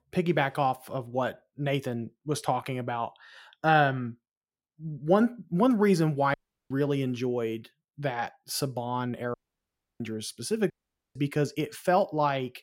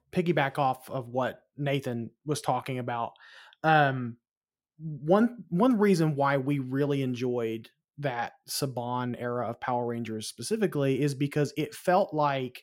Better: second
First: audio cutting out; at 6.5 s, at 9.5 s for 0.5 s and at 11 s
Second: none

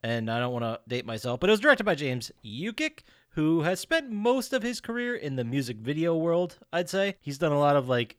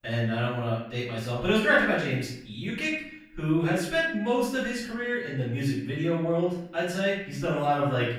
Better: first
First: none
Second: room echo; noticeable; dies away in 0.6 s // off-mic speech; far

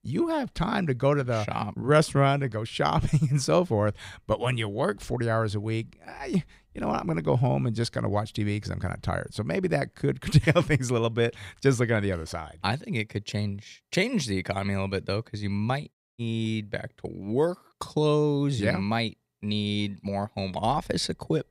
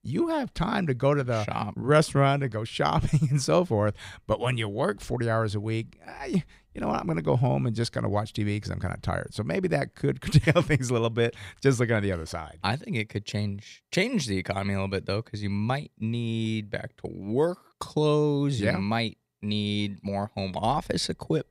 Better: second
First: audio cutting out; at 16 s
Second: none

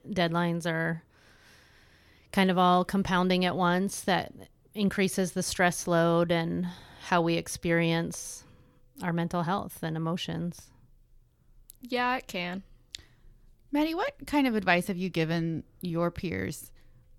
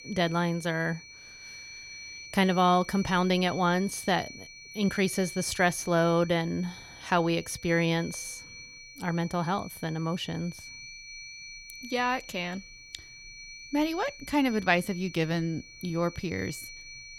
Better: first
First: none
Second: high-pitched whine; noticeable; throughout; 2.5 kHz, 15 dB below the speech

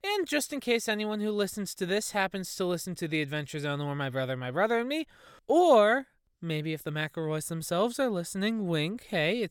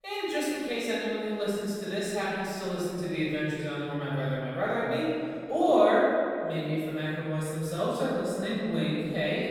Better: first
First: none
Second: room echo; strong; dies away in 2.4 s // off-mic speech; far

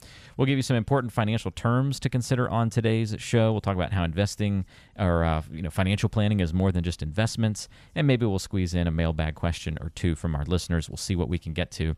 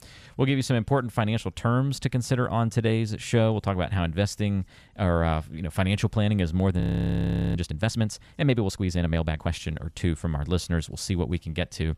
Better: first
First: none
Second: audio freezing; at 7 s for 1 s

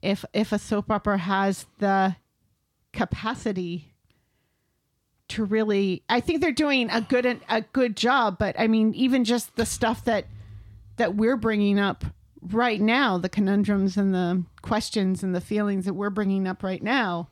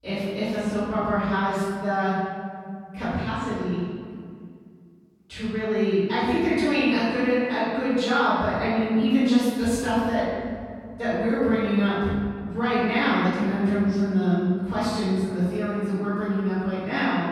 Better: first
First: none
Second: room echo; strong; dies away in 2 s // off-mic speech; far

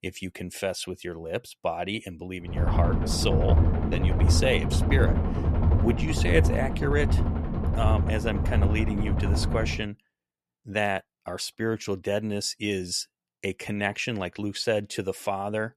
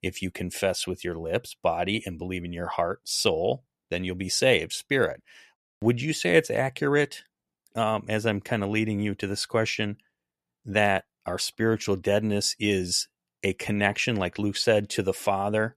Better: second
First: low rumble; loud; from 2.5 to 10 s; 5 dB below the speech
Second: none

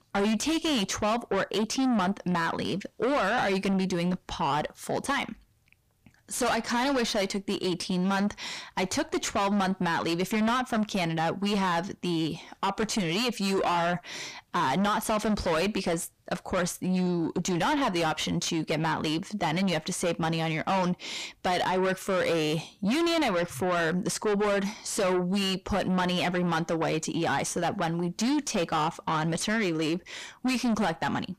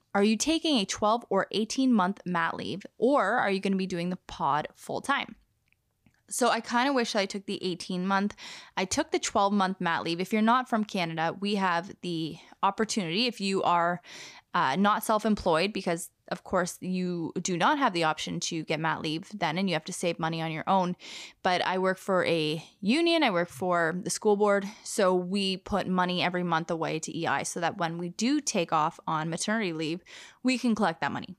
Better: second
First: distortion; heavy; 6 dB below the speech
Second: none

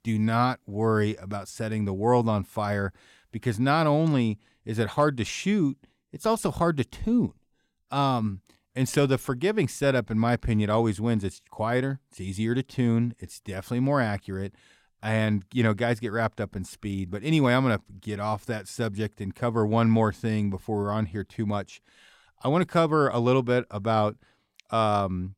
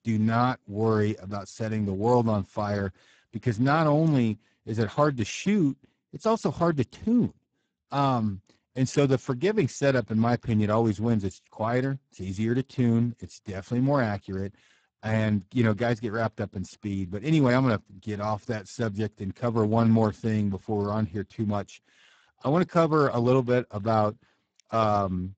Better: first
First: none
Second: garbled, watery; badly; nothing above 7.5 kHz

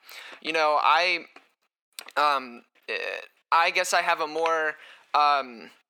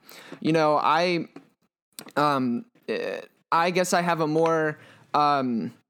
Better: second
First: thin; very; fading below 700 Hz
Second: none

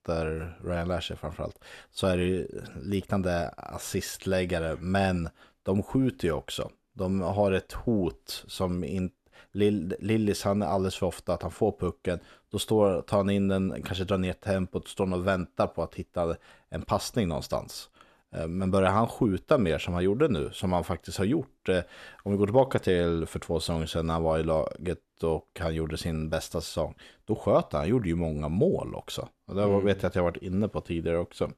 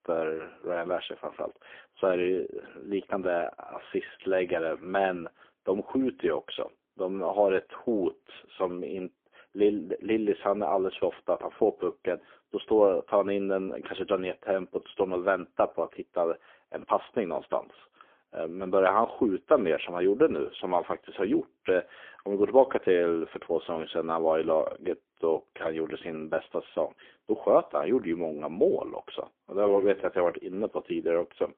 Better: first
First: none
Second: phone-call audio; poor line; nothing above 3.5 kHz

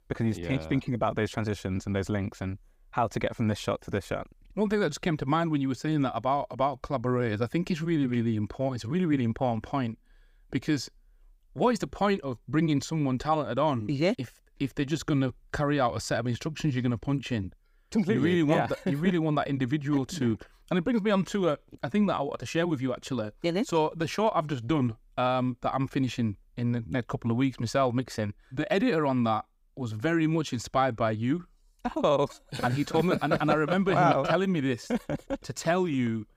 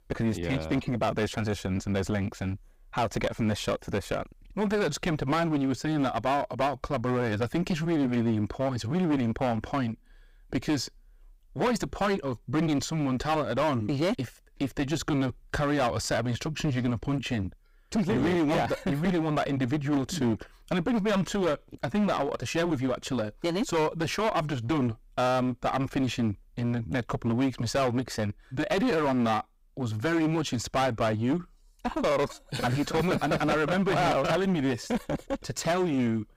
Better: first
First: none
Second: distortion; heavy; 17% of the sound clipped

